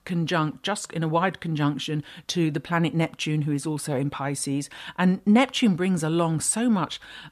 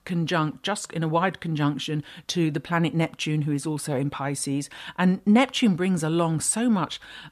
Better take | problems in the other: neither | none

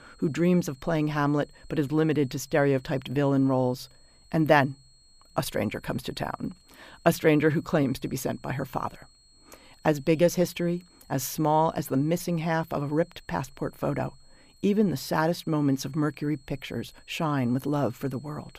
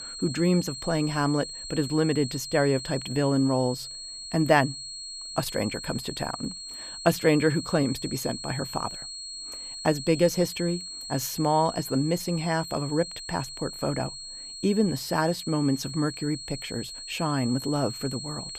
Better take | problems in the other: first | high-pitched whine; loud; throughout; 4.5 kHz, 9 dB below the speech; faint in the first

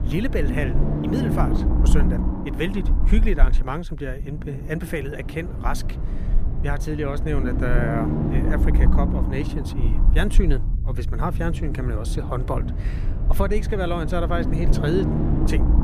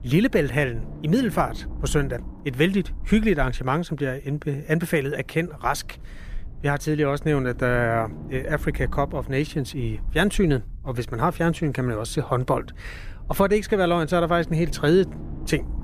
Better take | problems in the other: second | low rumble; loud; throughout; 4 dB below the speech; faint in the second

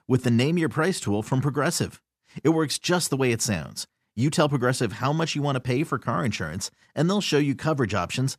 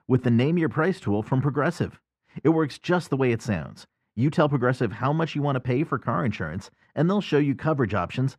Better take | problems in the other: first | muffled; very; fading above 4 kHz

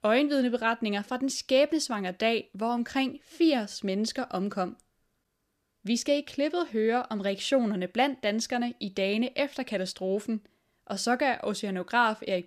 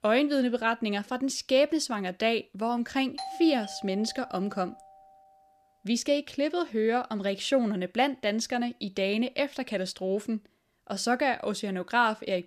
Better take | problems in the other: first | doorbell; noticeable; from 3 to 5 s; peak 9 dB below the speech

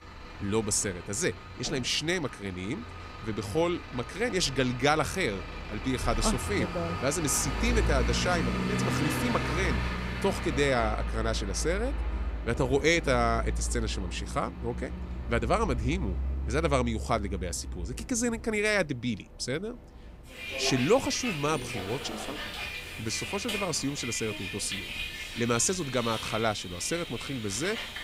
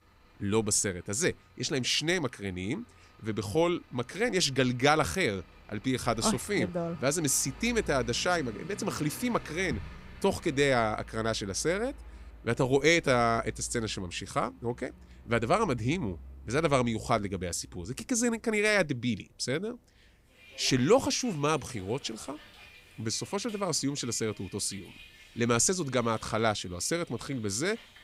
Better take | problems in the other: second | traffic noise; loud; throughout; 5 dB below the speech; faint in the second

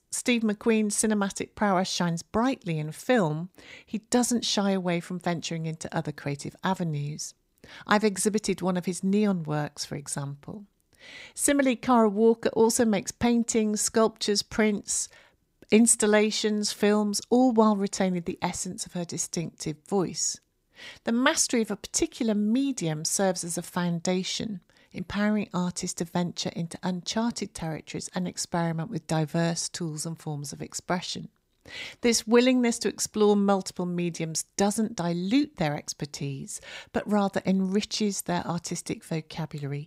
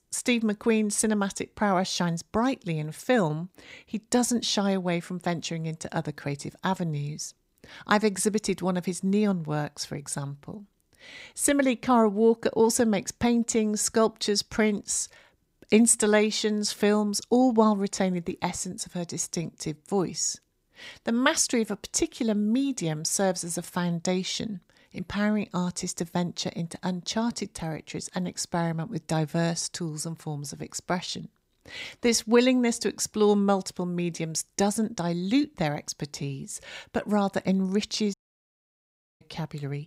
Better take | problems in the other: first | audio cutting out; at 38 s for 1 s

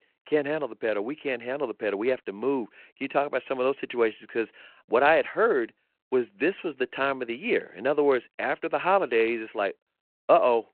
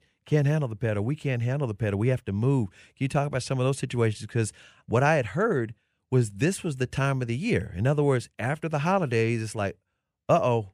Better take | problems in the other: second | phone-call audio

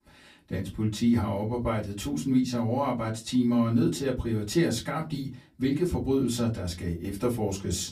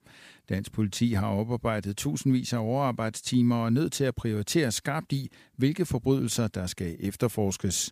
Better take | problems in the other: second | off-mic speech; far // room echo; very slight; dies away in 0.2 s

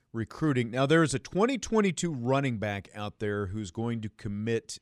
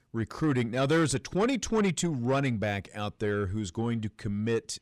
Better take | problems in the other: first | distortion; slight; 10 dB below the speech

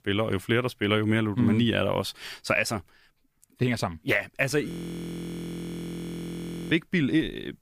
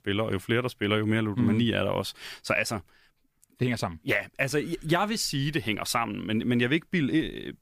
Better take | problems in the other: second | audio freezing; at 4.5 s for 2 s

